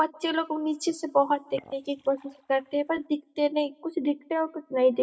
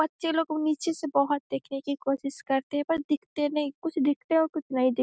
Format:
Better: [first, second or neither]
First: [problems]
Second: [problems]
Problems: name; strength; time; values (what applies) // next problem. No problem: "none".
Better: second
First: noise reduction (neural mask model DeepFilterNet 3)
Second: none